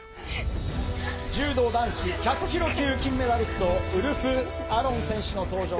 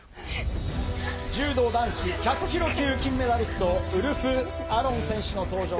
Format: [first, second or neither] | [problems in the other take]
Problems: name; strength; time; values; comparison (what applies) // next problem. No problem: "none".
second | background sound (Slam + Bowed string instrument); 17 dB below the speech